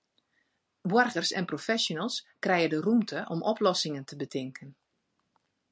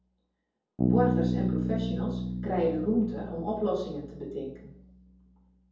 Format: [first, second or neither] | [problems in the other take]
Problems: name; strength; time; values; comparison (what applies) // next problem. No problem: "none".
first | background sound (Bass guitar); as loud as the speech // room echo; dies away in 0.7 s